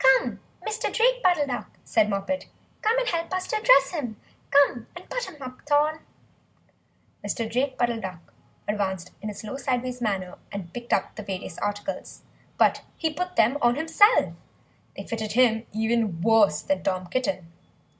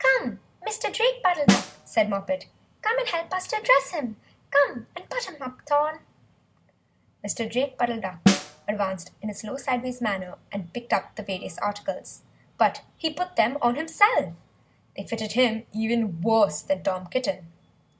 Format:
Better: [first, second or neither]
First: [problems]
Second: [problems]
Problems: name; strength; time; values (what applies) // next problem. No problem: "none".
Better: first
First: none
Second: background sound (Snare drum); 2 dB below the speech